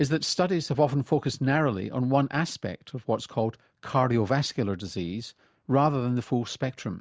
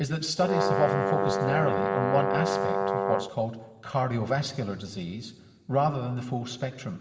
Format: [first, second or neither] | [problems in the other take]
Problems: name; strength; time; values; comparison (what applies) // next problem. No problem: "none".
first | background sound (Brass instrument); 2 dB above the speech // room echo; dies away in 1.9 s